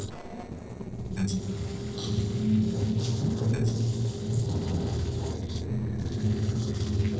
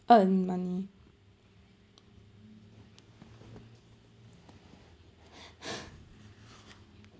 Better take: second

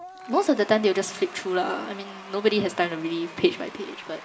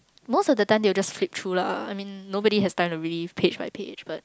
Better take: second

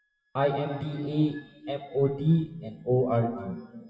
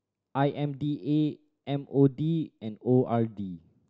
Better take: second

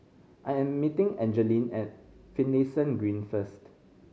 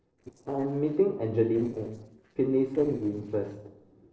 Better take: first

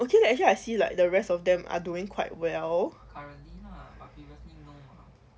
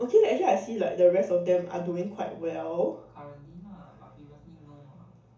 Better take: first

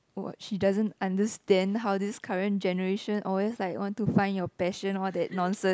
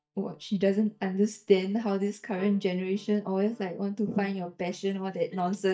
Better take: first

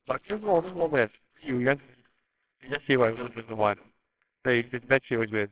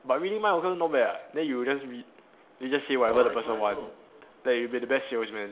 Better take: second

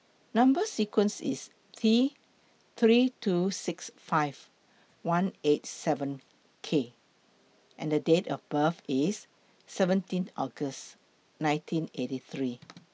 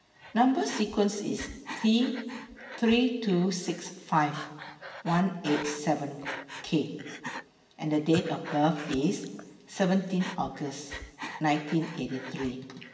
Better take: first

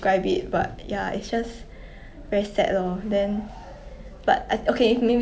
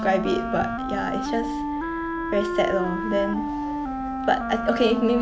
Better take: first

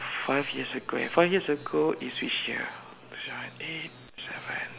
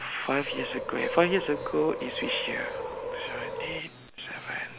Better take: first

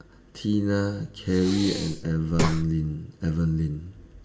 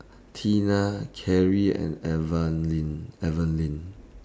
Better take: second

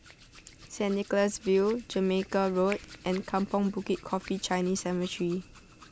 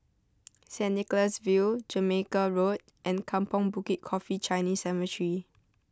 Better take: second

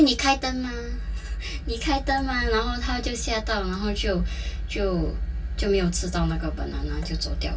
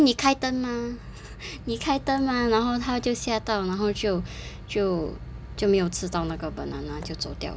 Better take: second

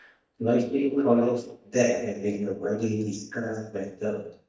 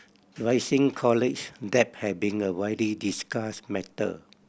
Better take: second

